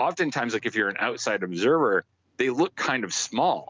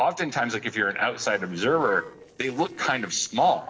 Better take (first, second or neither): first